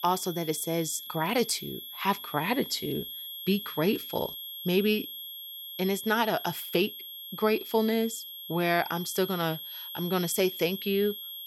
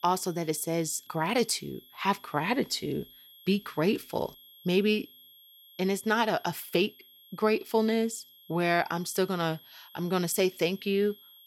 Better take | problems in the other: second | high-pitched whine; loud; throughout; 3.5 kHz, 9 dB below the speech; faint in the second

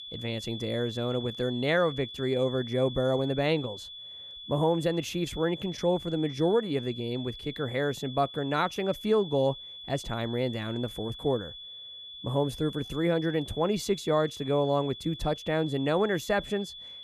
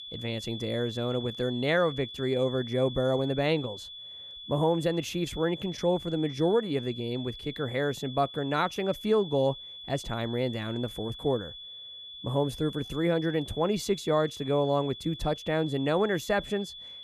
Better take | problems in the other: neither | high-pitched whine; noticeable; throughout; 3.5 kHz, 10 dB below the speech; the same in both

